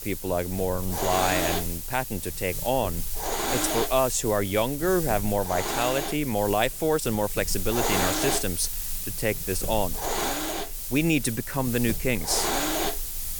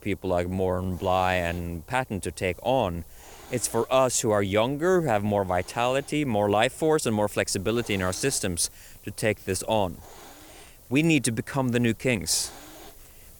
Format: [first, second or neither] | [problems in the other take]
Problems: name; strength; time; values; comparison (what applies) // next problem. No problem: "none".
second | hiss; loud; throughout; 2 dB below the speech; faint in the second